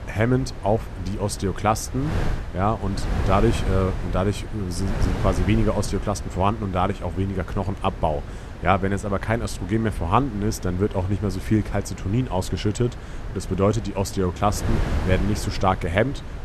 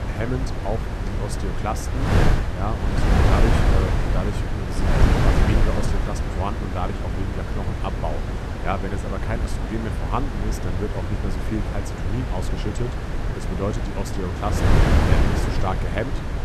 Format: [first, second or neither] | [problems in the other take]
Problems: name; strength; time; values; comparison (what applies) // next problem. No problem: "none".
first | wind noise on the microphone; heavy; 2 dB above the speech; occasional gusts in the first